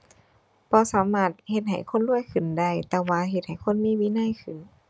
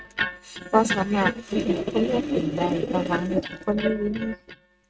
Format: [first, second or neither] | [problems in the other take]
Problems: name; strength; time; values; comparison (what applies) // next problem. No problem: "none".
first | noise reduction (neural mask model RNNoise)